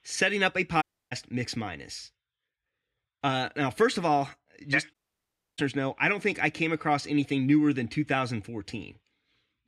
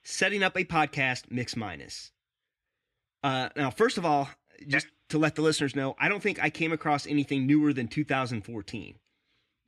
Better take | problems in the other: second | audio cutting out; at 1 s and at 5 s for 0.5 s

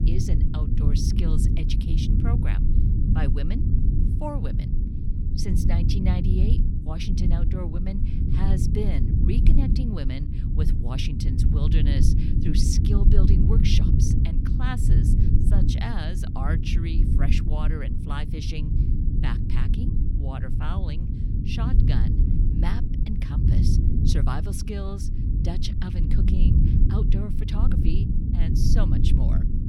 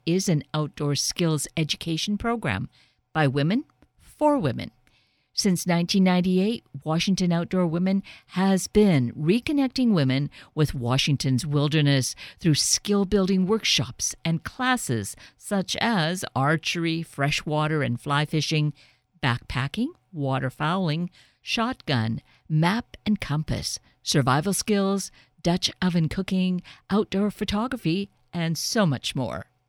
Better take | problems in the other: second | low rumble; loud; throughout; as loud as the speech

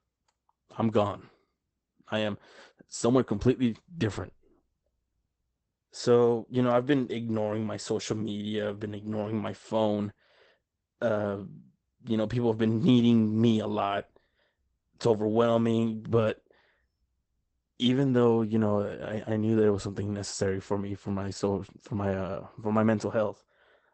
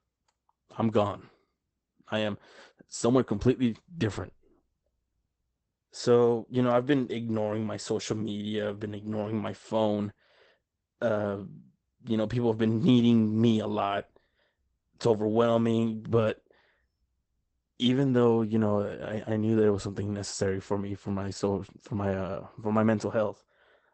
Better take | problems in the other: neither | garbled, watery; badly; nothing above 8 kHz; the same in both

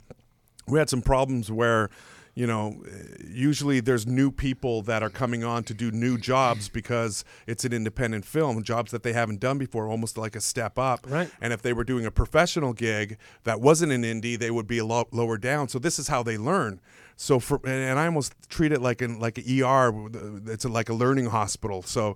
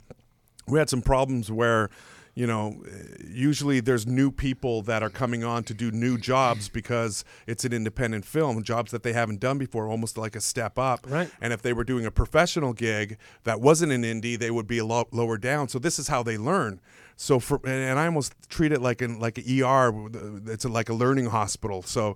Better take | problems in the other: neither | none

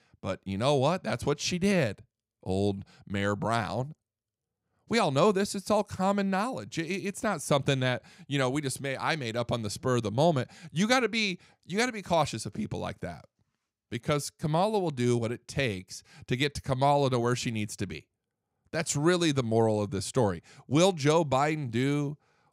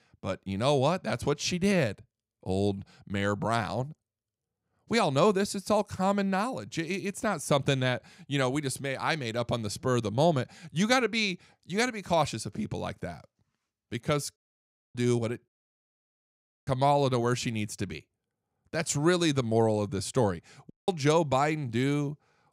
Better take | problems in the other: first | audio cutting out; at 14 s for 0.5 s, at 15 s for 1 s and at 21 s

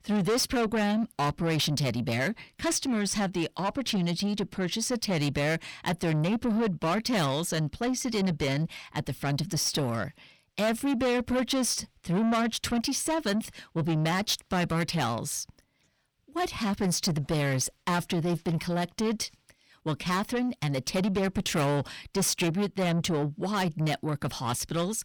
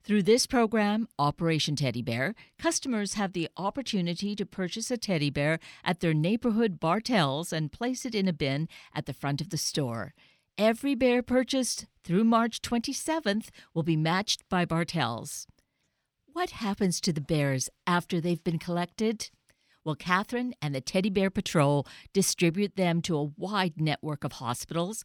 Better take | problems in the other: second | distortion; heavy; 7 dB below the speech

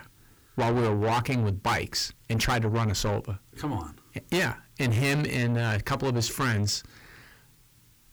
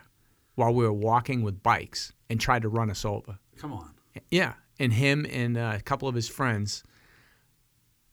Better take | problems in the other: second | distortion; heavy; 5 dB below the speech

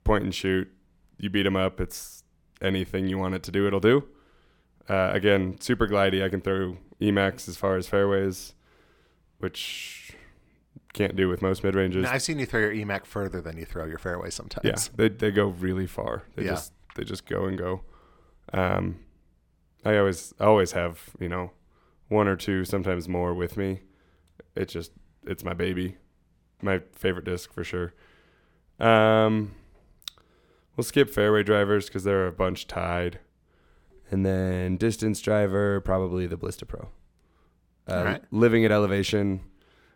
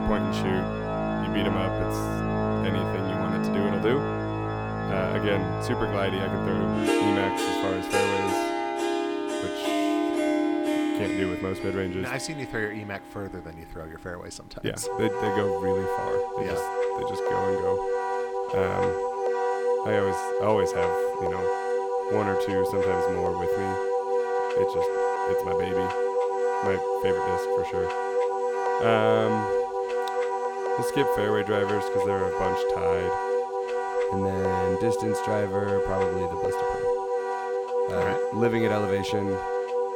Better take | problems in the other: first | background music; very loud; throughout; 4 dB above the speech

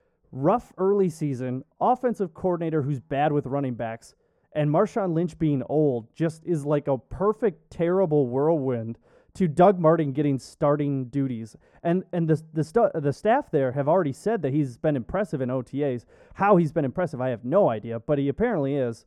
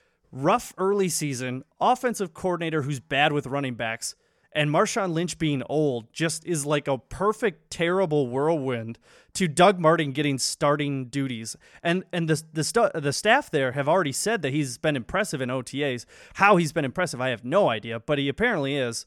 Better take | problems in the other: second | muffled; very; fading above 1.5 kHz

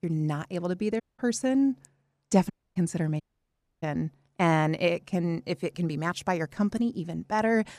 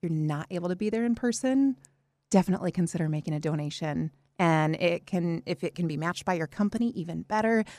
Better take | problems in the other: second | audio cutting out; at 1 s, at 2.5 s and at 3 s for 0.5 s

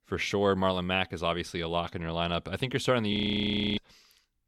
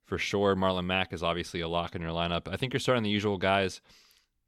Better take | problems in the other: second | audio freezing; at 3 s for 0.5 s

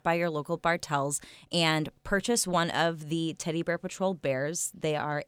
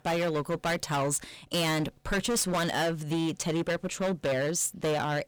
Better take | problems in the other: first | distortion; heavy; 20% of the sound clipped

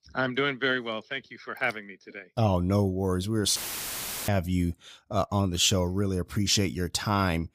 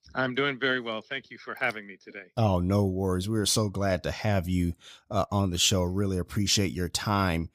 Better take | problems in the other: second | audio cutting out; filled with static; at 3.5 s for 0.5 s

